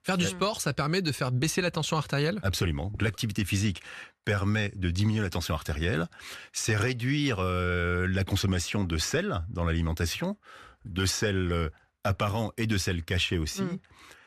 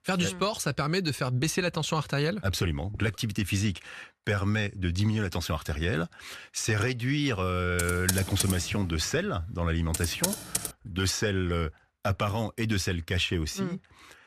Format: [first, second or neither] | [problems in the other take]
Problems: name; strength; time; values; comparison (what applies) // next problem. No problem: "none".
first | keyboard typing; loud; from 8 to 11 s; peak level with the speech